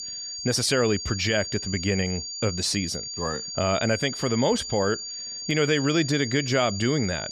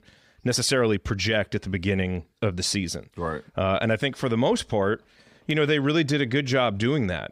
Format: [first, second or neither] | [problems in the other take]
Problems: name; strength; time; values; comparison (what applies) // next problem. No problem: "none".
second | high-pitched whine; loud; throughout; 4.5 kHz, 7 dB below the speech